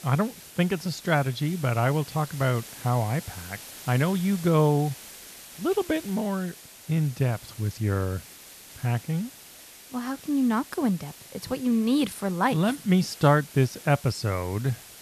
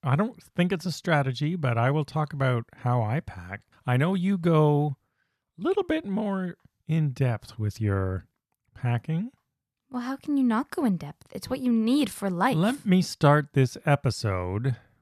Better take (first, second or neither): second